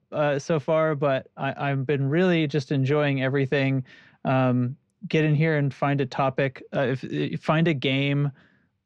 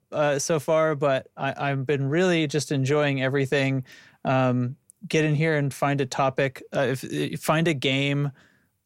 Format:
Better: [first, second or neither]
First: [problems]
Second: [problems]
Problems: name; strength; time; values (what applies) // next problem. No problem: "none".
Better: second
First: muffled; slightly; fading above 4 kHz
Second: none